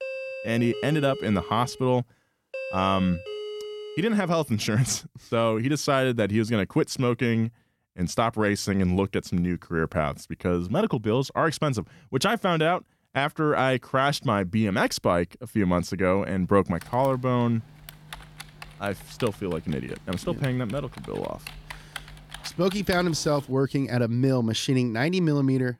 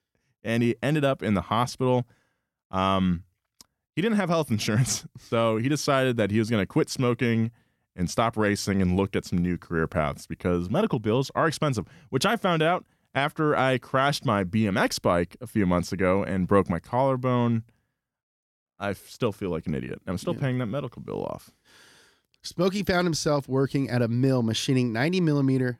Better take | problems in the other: second | doorbell; noticeable; until 4.5 s; peak 8 dB below the speech // keyboard typing; faint; from 17 to 23 s; peak 15 dB below the speech

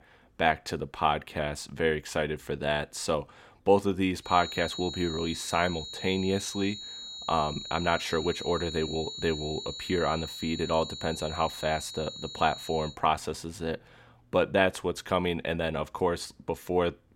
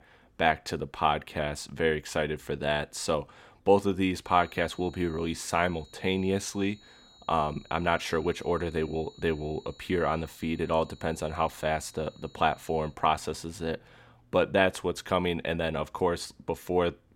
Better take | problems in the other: second | high-pitched whine; loud; from 4.5 to 13 s; 4 kHz, 8 dB below the speech; faint in the second

